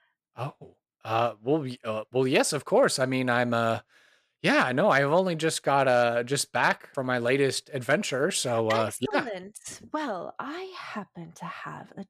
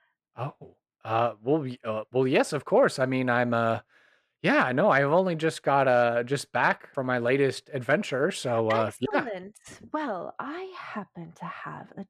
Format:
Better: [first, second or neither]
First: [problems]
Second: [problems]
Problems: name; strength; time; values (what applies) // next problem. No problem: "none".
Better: first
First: none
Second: muffled; slightly; fading above 3.5 kHz